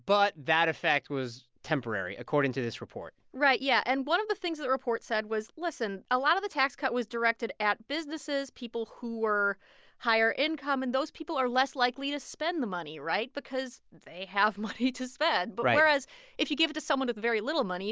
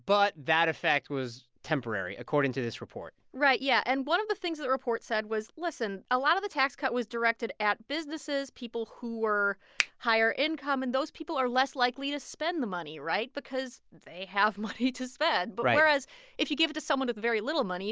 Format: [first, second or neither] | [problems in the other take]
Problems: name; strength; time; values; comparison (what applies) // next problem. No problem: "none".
first | background sound (Finger snapping); 2 dB below the speech